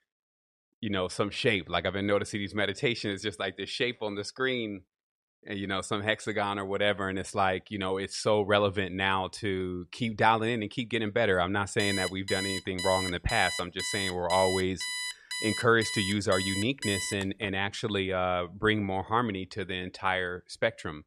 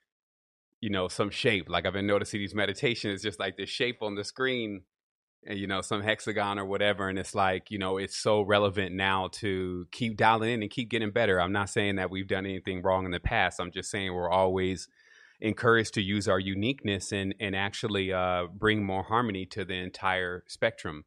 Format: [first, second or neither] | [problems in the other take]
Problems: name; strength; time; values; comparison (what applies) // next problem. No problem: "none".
second | alarm; noticeable; from 12 to 17 s; peak 3 dB below the speech